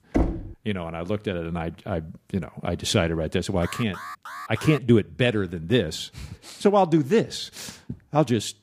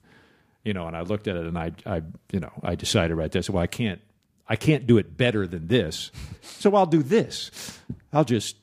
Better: second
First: door banging; noticeable; at the start; peak 1 dB below the speech // alarm; faint; from 3.5 to 5 s; peak 10 dB below the speech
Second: none

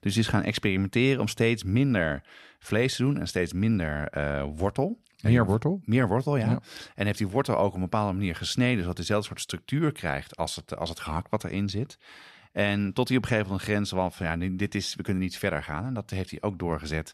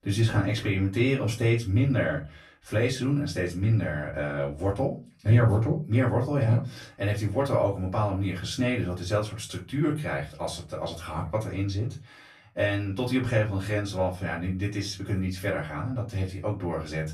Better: first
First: none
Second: off-mic speech; far // room echo; very slight; dies away in 0.3 s

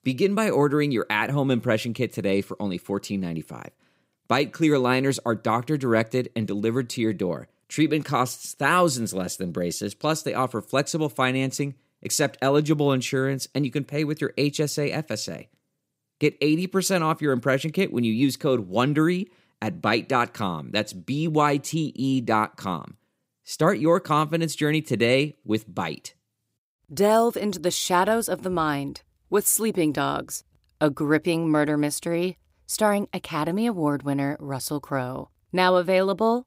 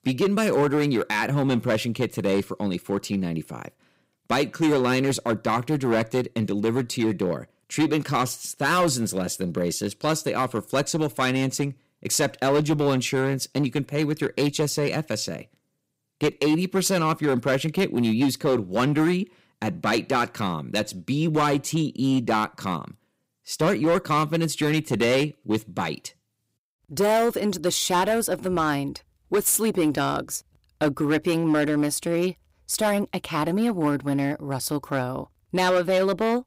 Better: first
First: none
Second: distortion; slight; 7% of the sound clipped

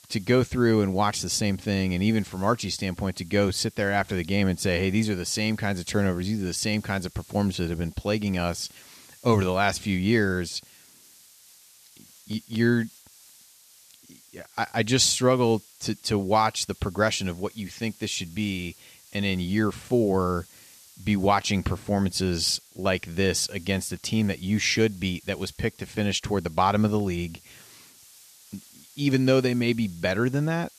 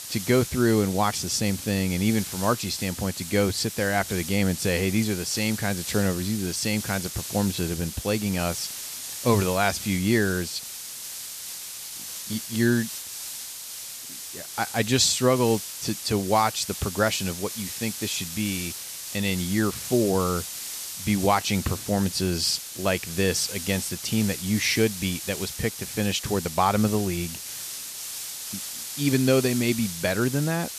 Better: first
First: hiss; faint; throughout; 25 dB below the speech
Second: hiss; loud; throughout; 8 dB below the speech

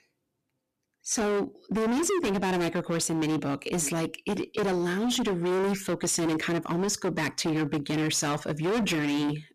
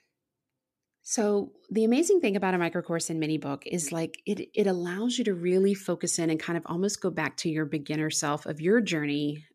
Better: second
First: distortion; heavy; 28% of the sound clipped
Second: none

